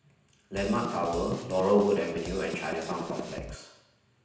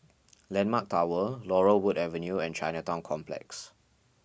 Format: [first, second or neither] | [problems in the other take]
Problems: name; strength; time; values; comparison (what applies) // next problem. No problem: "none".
second | background sound (Drum kit); 10 dB below the speech // room echo; dies away in 0.9 s